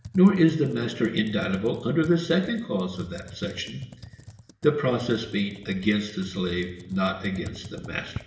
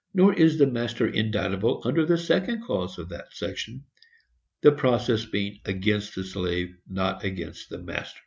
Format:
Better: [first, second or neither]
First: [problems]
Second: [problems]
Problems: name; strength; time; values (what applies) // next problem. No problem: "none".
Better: second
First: background sound (Computer keyboard); 18 dB below the speech // room echo; dies away in 1.1 s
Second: none